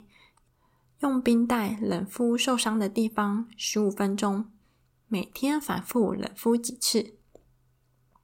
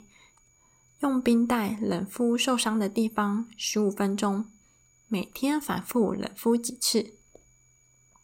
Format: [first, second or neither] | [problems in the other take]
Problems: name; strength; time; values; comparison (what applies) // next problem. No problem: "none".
first | high-pitched whine; faint; throughout; 7 kHz, 35 dB below the speech